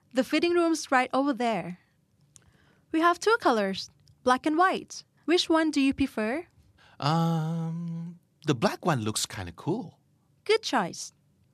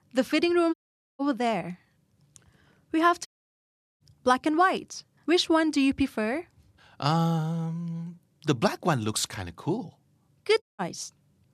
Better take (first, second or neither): first